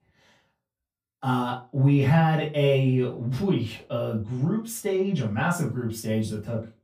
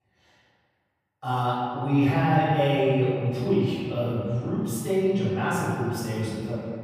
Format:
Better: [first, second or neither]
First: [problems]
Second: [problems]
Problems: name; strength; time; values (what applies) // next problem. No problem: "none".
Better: first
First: room echo; slight; dies away in 0.2 s // off-mic speech; far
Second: room echo; strong; dies away in 2.2 s // off-mic speech; far